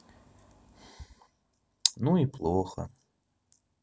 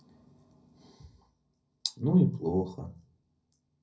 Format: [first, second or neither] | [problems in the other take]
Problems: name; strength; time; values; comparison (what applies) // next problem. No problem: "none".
first | room echo; dies away in 0.5 s